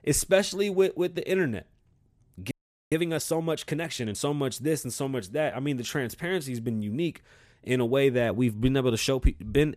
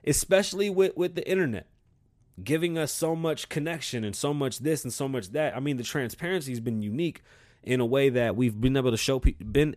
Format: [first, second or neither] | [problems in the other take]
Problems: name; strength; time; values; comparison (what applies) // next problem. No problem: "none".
second | audio freezing; at 2.5 s